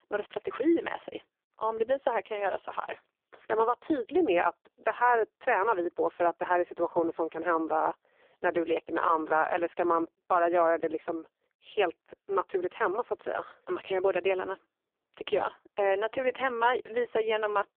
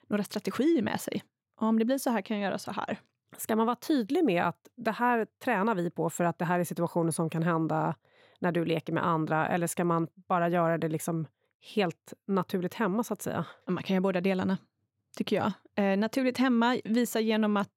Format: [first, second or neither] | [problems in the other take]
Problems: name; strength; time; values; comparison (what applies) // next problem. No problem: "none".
second | phone-call audio; poor line